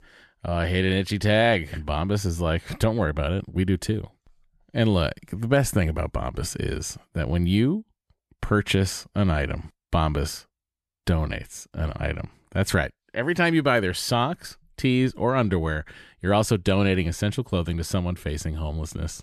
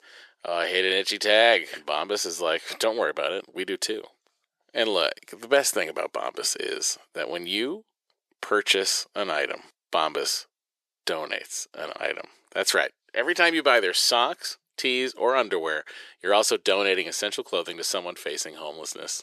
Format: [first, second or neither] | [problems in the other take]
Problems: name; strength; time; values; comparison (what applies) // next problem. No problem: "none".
first | thin; very; fading below 400 Hz